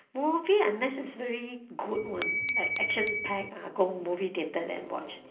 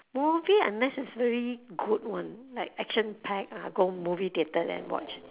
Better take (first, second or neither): second